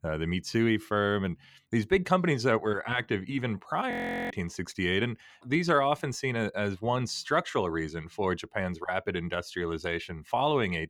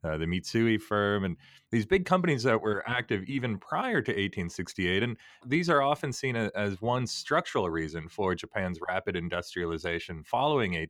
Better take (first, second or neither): second